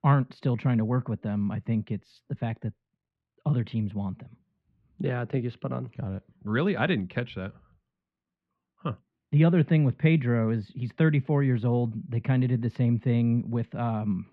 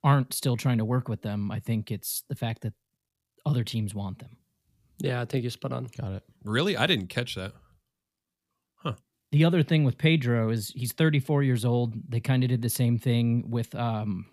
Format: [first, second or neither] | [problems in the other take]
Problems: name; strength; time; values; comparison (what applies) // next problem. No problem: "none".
second | muffled; very; fading above 2.5 kHz